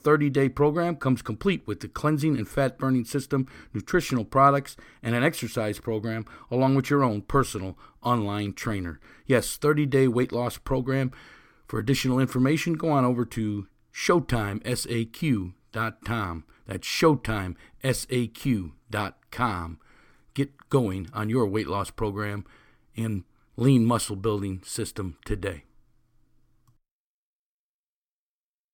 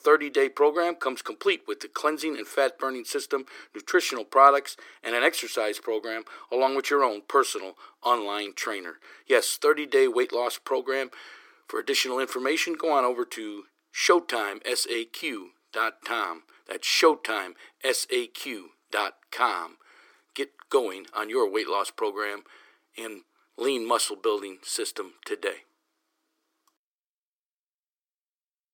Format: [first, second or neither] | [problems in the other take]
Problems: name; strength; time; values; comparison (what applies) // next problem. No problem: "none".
first | thin; very; fading below 350 Hz